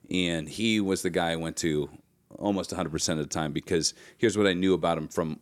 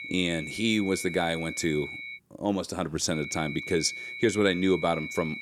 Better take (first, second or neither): first